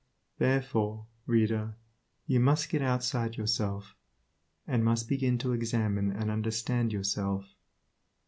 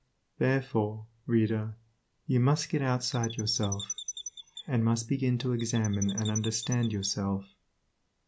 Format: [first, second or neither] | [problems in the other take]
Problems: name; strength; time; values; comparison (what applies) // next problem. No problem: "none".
first | background sound (Chirp, tweet); 11 dB below the speech